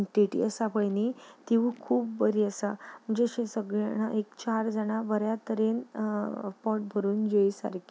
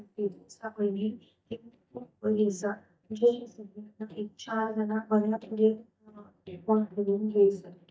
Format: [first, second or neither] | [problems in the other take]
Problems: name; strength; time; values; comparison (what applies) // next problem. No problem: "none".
first | noise reduction (neural mask model DeepFilterNet 3)